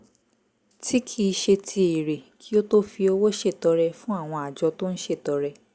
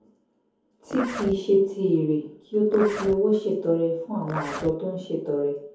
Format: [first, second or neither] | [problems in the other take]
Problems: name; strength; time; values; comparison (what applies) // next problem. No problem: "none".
first | background sound (Zipper (clothing)); 13 dB below the speech // room echo; dies away in 0.6 s